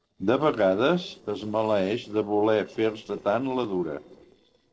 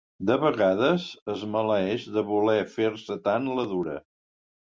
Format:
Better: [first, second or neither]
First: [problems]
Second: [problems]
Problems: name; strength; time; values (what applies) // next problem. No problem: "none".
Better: second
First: noise reduction (neural separator model SepFormer DNS4)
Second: none